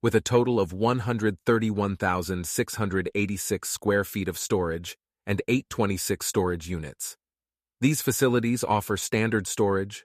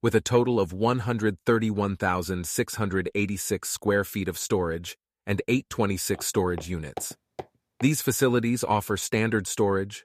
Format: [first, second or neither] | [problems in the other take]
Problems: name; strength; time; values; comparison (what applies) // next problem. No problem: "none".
first | footsteps; faint; from 6 to 8 s; peak 15 dB below the speech